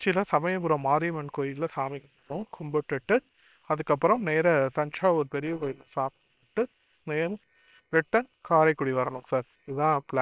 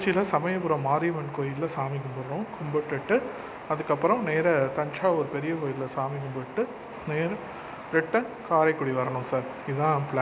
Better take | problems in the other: second | noise reduction (neural separator model SepFormer WHAM!)

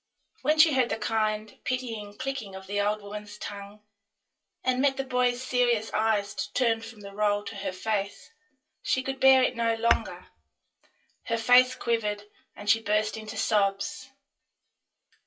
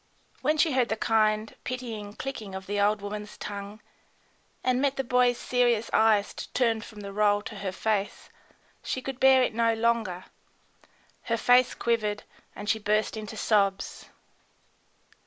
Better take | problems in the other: second | noise reduction (classical method WPE with log-MMSE)

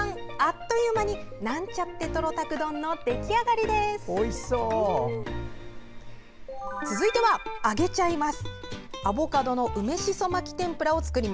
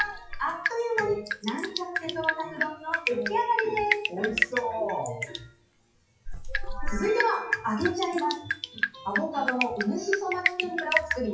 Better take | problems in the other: first | noise reduction (classical method WPE with log-MMSE)

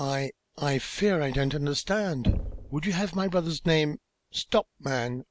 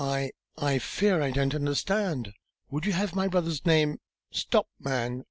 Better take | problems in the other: second | background sound (Knock); 10 dB below the speech

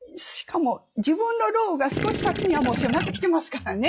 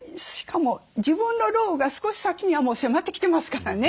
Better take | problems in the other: second | noise reduction (classical method log-MMSE)

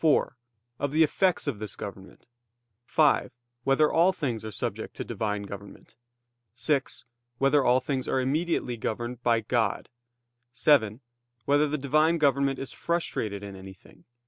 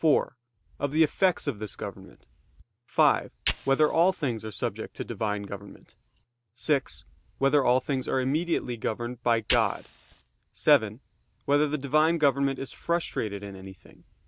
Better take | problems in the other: first | background sound (Fire); 17 dB below the speech

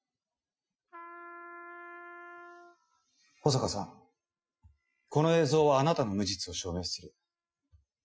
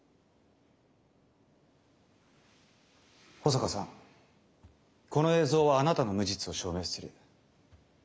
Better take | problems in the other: second | noise reduction (classical method Wiener filter)

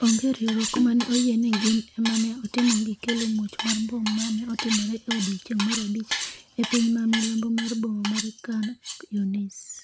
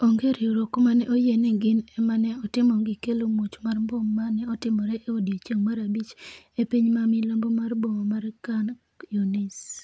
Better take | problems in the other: second | background sound (Cutlery, silverware); 8 dB below the speech

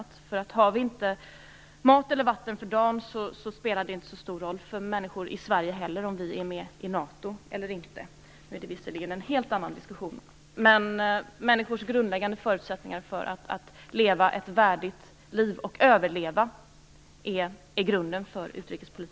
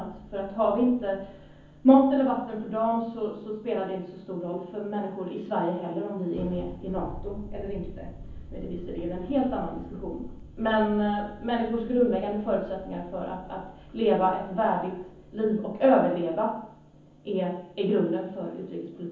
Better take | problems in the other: first | background sound (Thunder); 17 dB below the speech // room echo; dies away in 0.7 s

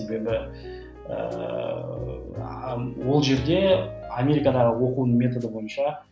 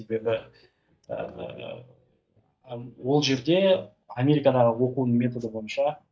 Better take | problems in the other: first | noise reduction (neural mask model DeepFilterNet 3)

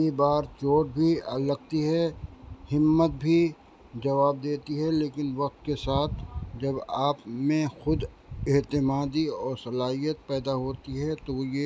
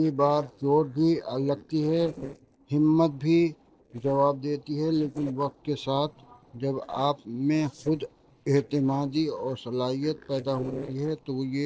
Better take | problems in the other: first | noise reduction (neural separator model SepFormer DNS4)

